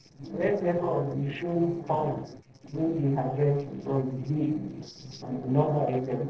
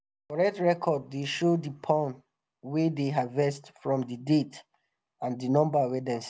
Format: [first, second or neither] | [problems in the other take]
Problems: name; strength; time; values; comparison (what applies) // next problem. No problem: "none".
second | noise reduction (neural separator model SepFormer DNS4)